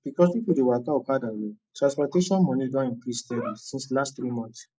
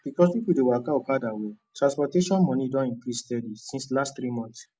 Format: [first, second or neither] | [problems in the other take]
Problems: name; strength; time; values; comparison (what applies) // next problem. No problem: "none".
second | noise reduction (neural mask model Resemble Enhance denoiser)